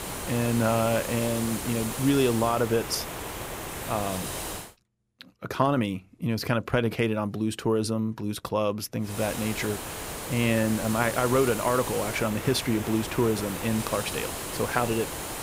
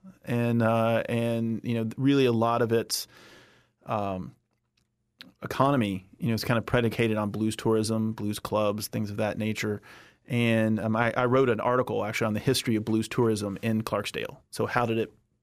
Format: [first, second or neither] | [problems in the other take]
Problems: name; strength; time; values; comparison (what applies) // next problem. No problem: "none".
second | hiss; loud; until 4.5 s and from 9 s on; 6 dB below the speech